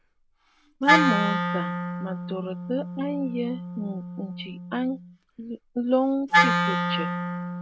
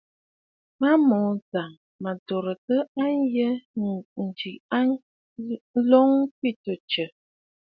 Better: second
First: background sound (Wind instrument, woodwind instrument); 2 dB above the speech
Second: none

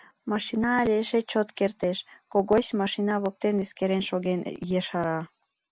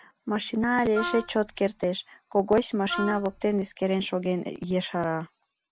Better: first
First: none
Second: background sound (Wind instrument, woodwind instrument); 9 dB below the speech

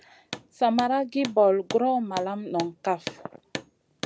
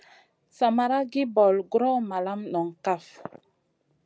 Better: second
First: background sound (Hammer); 14 dB below the speech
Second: none

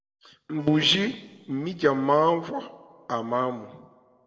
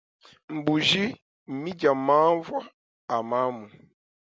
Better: second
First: noise reduction (neural separator model SepFormer DNS4)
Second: none

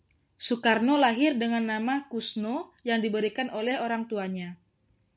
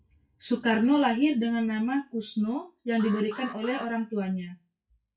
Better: first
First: none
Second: noise reduction (classical method WPE with log-MMSE)

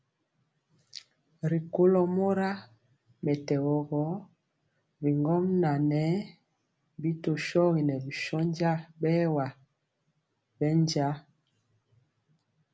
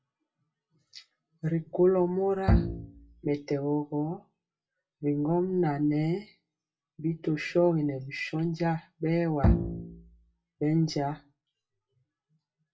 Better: first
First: none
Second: noise reduction (classical method WPE with log-MMSE)

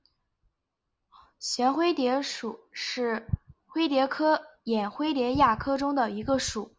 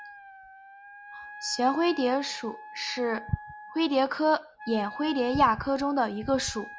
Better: first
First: none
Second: background sound (Wind instrument, woodwind instrument); 16 dB below the speech

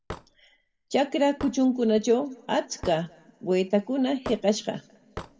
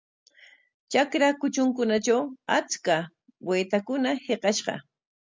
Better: second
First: background sound (Hammer / Wood); 18 dB below the speech // room echo; dies away in 1.1 s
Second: none

